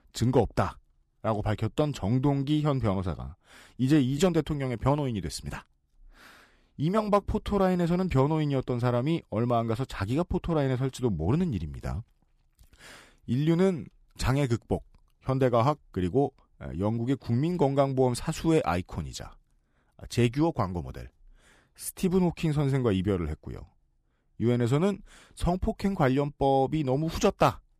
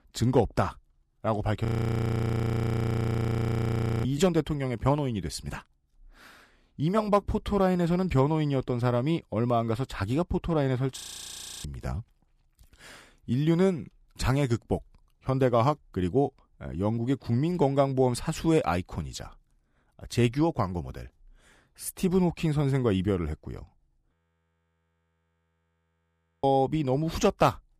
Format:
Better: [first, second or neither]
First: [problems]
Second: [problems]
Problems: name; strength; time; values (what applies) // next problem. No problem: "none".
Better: first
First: none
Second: audio freezing; at 1.5 s for 2.5 s, at 11 s for 0.5 s and at 24 s for 2.5 s